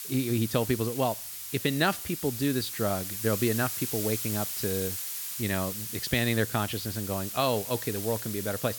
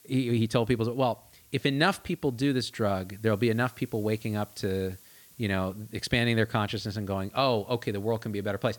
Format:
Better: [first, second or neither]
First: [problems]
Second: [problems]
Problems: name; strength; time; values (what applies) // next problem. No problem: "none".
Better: second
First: hiss; loud; throughout; 4 dB below the speech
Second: hiss; faint; throughout; 25 dB below the speech